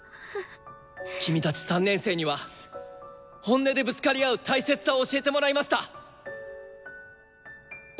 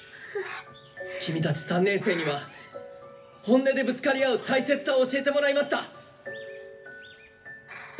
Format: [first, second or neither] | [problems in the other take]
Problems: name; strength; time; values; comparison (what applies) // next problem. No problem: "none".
first | background sound (Bird); 19 dB below the speech // room echo; dies away in 0.3 s